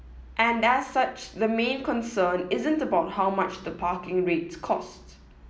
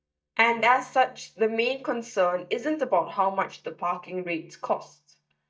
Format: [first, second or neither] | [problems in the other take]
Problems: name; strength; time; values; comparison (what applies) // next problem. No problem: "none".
first | noise reduction (neural mask model DeepFilterNet 3)